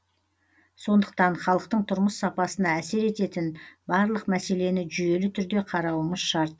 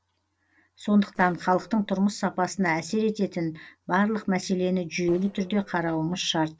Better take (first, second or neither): first